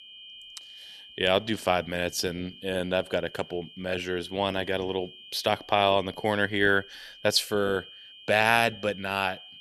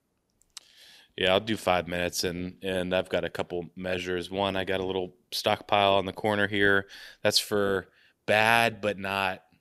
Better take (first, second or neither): second